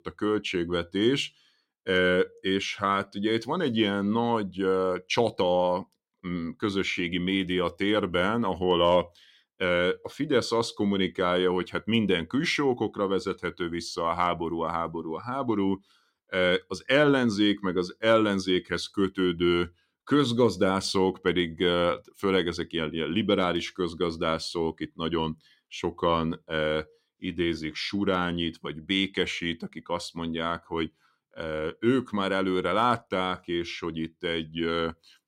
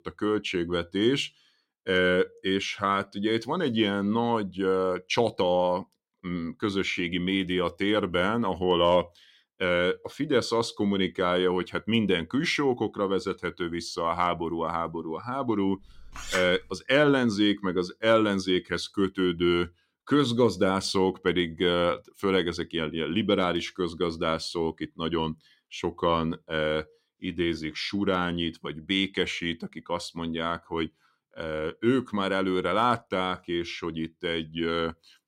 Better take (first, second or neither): first